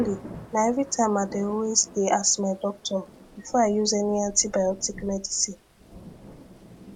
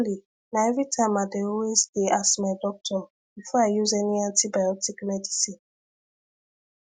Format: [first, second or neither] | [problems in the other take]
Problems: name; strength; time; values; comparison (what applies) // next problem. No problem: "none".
second | background sound (Thunder / Rain); 18 dB below the speech